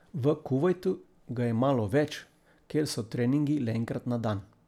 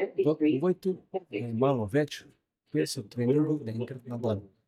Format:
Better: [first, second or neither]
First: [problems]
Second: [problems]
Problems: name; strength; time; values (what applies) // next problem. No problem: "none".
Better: first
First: none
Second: noise reduction (neural mask model DeepFilterNet 3)